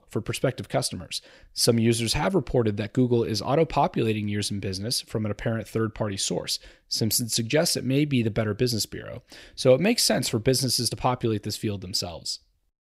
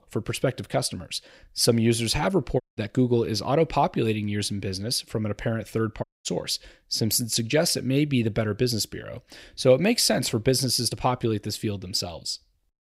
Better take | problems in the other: first | audio cutting out; at 2.5 s and at 6 s

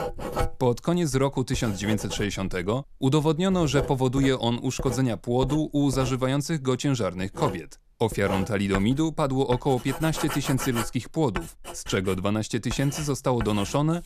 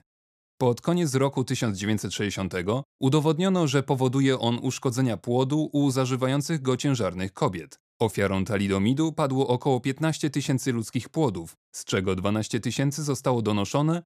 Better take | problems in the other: second | household noises; noticeable; throughout; 10 dB below the speech

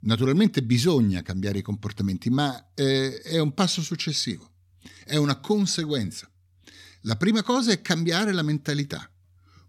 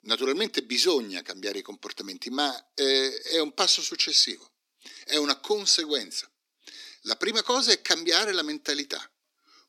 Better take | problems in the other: first | thin; somewhat; fading below 300 Hz

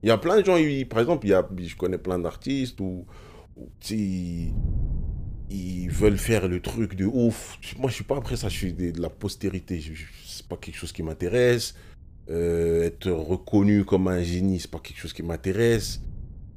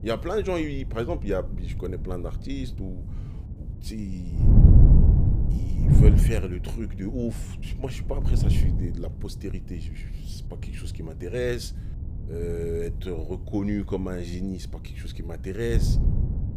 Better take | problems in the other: first | wind noise on the microphone; heavy; 3 dB below the speech; occasional gusts in the first

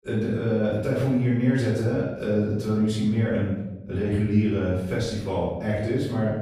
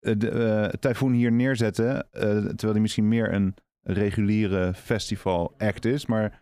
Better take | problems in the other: second | off-mic speech; far // room echo; noticeable; dies away in 0.9 s

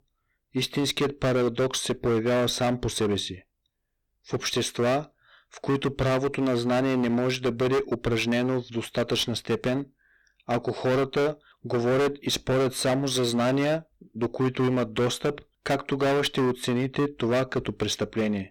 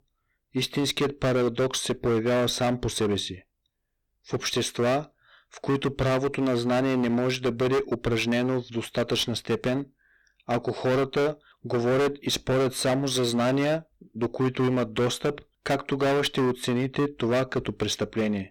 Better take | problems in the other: neither | distortion; heavy; 19% of the sound clipped; the same in both

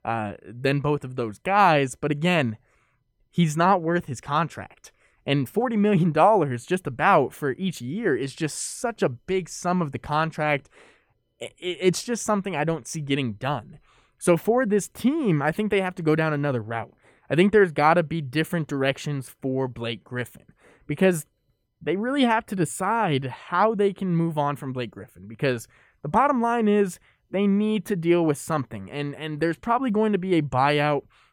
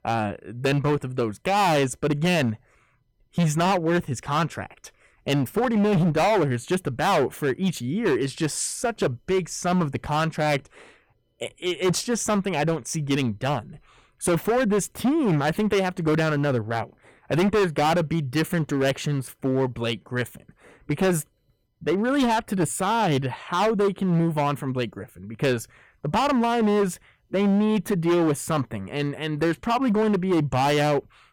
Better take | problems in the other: first | distortion; heavy; 12% of the sound clipped

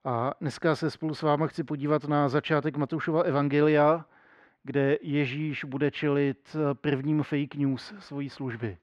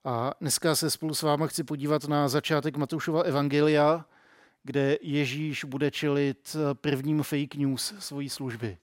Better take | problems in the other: second | muffled; slightly; fading above 2 kHz

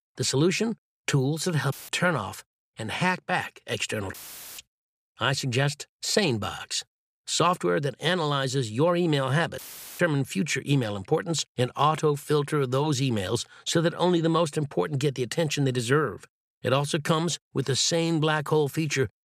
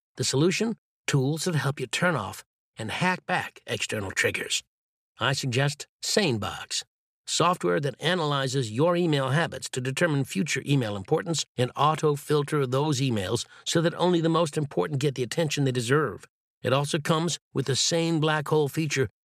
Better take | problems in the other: second | audio cutting out; filled with static; at 1.5 s, at 4 s and at 9.5 s

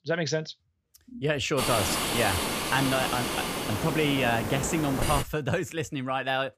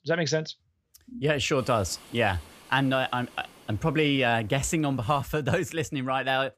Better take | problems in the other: second | hiss; loud; from 1.5 to 5 s; 1 dB below the speech; faint in the second

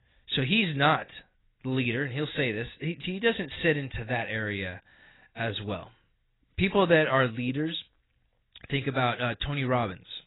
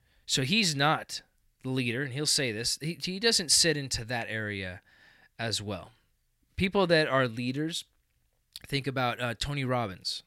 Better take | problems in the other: second | garbled, watery; badly; nothing above 4 kHz

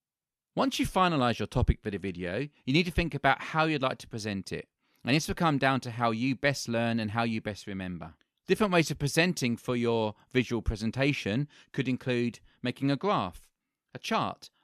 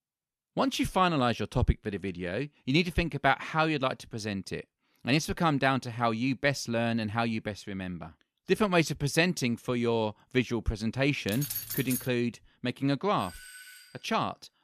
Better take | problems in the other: first | jangling keys; noticeable; at 11 s; peak 4 dB below the speech // doorbell; faint; at 13 s; peak 15 dB below the speech

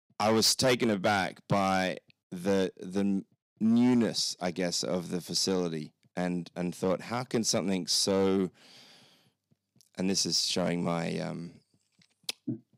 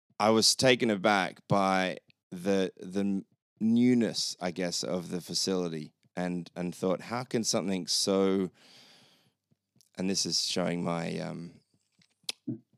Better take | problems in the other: second | distortion; slight; 4% of the sound clipped

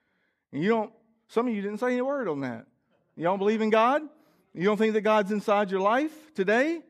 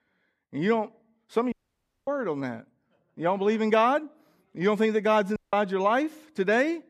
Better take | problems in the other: first | audio cutting out; at 1.5 s for 0.5 s and at 5.5 s

